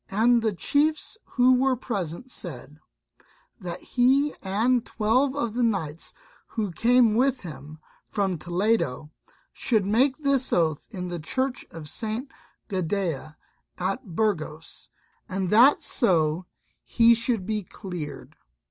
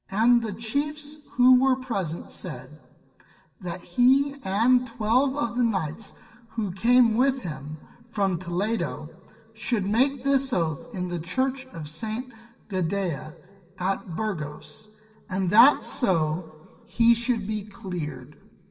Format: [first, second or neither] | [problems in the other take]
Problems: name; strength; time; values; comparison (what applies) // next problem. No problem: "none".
first | room echo; dies away in 2.1 s